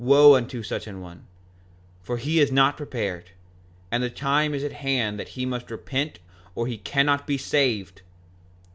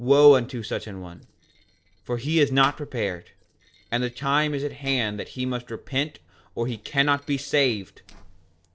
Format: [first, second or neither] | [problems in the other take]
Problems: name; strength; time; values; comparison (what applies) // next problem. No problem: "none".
first | noise reduction (neural separator model SepFormer DNS4)